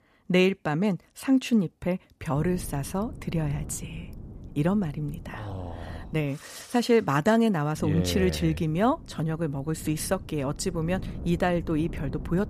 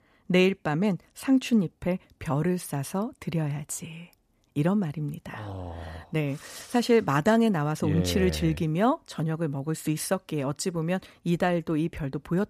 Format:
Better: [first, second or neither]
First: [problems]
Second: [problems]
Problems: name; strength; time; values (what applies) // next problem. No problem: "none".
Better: second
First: wind noise on the microphone; occasional gusts; from 2.5 to 6.5 s and from 8 s on; 20 dB below the speech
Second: none